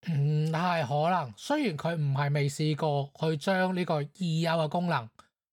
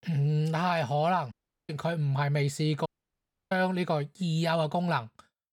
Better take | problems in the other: first | audio cutting out; at 1.5 s and at 3 s for 0.5 s

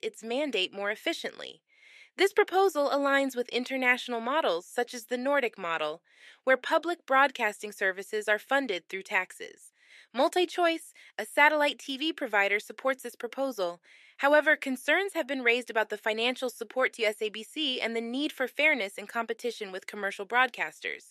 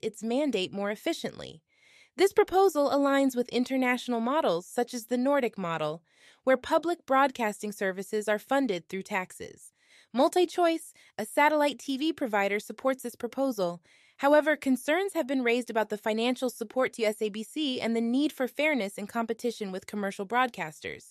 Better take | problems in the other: second | thin; very slightly; fading below 350 Hz

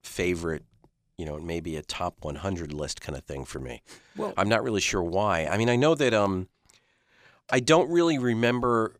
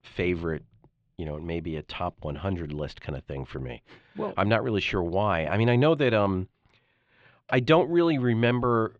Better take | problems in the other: first | muffled; slightly; fading above 3.5 kHz

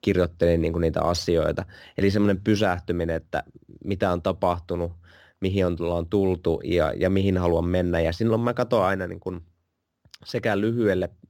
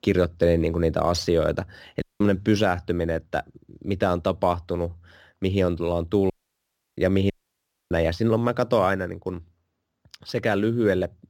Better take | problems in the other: first | audio cutting out; at 2 s, at 6.5 s for 0.5 s and at 7.5 s for 0.5 s

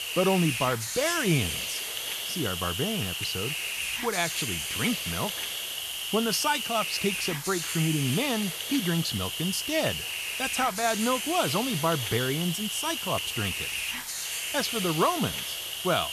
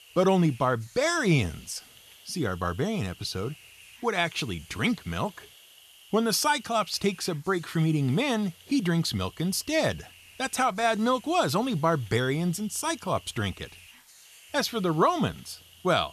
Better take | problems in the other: second | hiss; loud; throughout; 1 dB below the speech; faint in the second

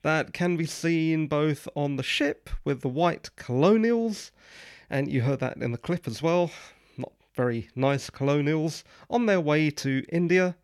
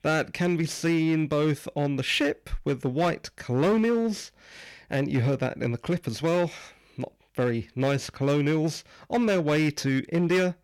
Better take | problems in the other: first | distortion; slight; 8% of the sound clipped

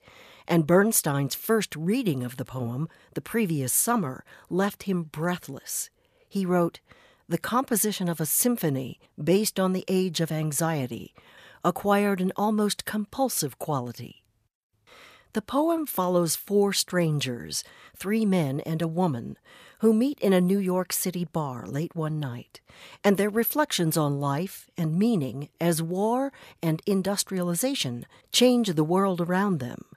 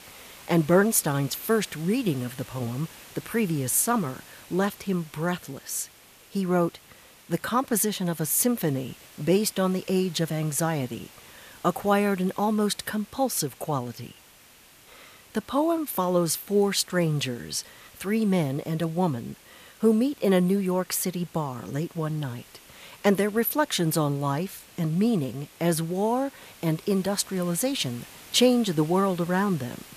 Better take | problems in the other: first | hiss; faint; throughout; 20 dB below the speech

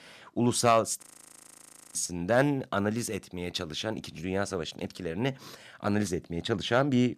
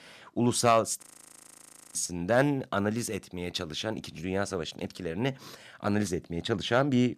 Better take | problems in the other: neither | audio freezing; at 1 s for 1 s; the same in both

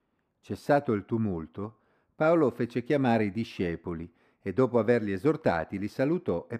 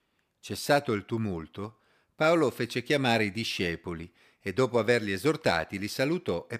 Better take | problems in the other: second | muffled; slightly; fading above 2 kHz

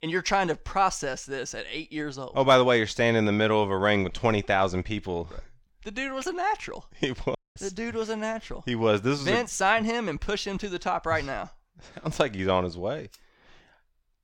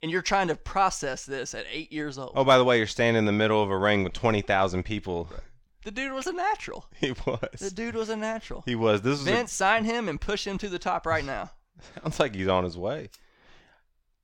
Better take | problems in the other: second | audio cutting out; at 7.5 s

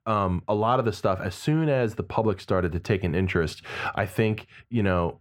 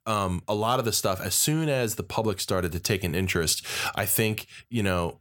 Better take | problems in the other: second | muffled; very; fading above 4 kHz

